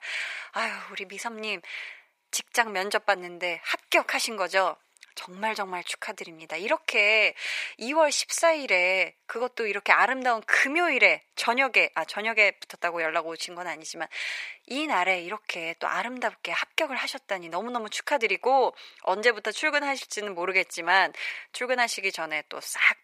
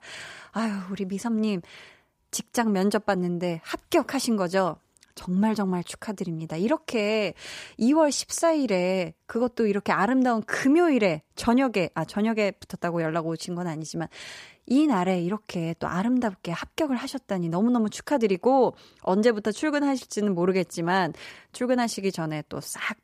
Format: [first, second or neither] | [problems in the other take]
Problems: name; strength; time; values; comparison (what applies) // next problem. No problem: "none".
second | thin; very; fading below 700 Hz